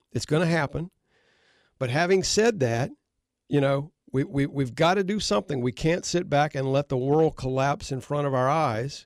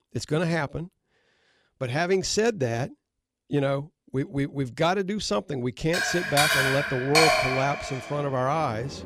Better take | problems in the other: first | household noises; very loud; from 6 s on; 3 dB above the speech

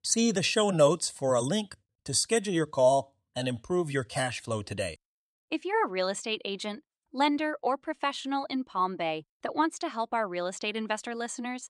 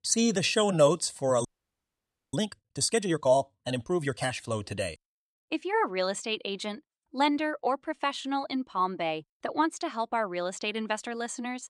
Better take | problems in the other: first | audio freezing; at 1.5 s for 1 s

